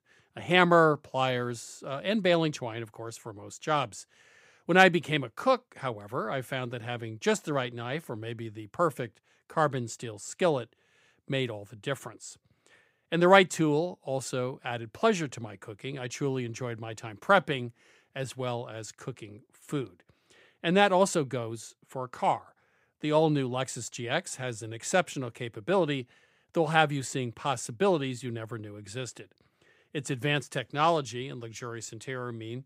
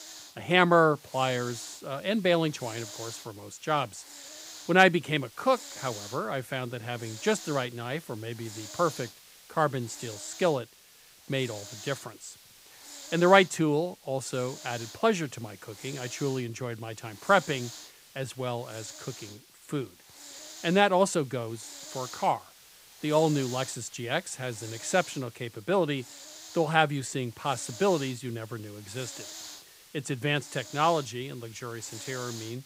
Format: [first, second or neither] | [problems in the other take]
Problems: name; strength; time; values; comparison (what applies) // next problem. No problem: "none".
first | hiss; noticeable; throughout; 15 dB below the speech